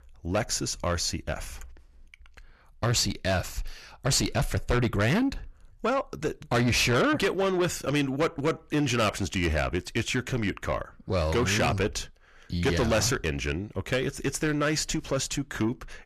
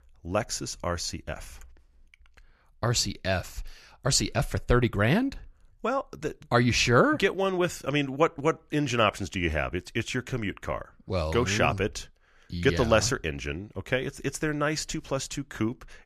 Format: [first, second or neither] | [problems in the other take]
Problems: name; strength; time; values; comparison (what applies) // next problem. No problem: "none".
second | distortion; heavy; 7 dB below the speech